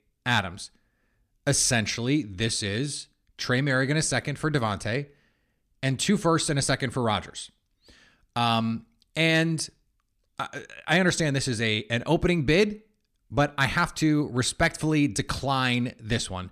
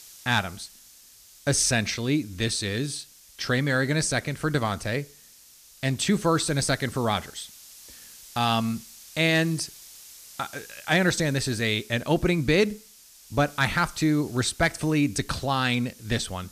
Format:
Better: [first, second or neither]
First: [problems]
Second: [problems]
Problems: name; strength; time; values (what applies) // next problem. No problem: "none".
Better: first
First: none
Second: hiss; faint; throughout; 20 dB below the speech